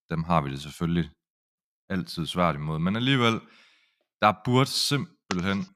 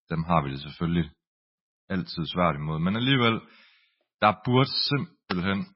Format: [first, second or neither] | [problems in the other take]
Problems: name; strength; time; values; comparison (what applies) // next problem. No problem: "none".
first | garbled, watery; badly; nothing above 5 kHz